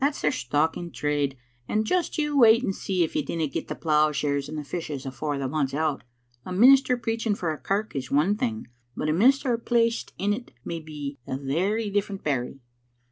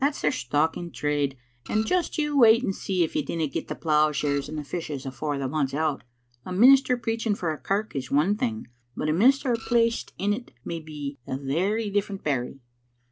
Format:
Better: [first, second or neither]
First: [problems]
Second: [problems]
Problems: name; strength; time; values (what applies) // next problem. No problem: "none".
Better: first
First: none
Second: background sound (Printer); 17 dB below the speech